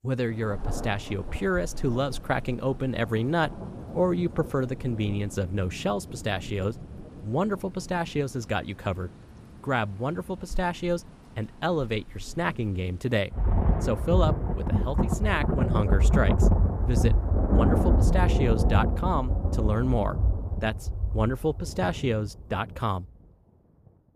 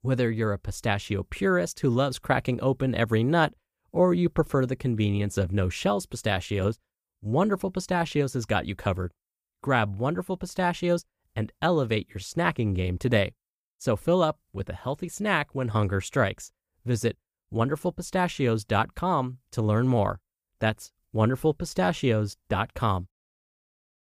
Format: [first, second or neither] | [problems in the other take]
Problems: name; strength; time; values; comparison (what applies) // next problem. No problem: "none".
second | rain or running water; very loud; throughout; 2 dB above the speech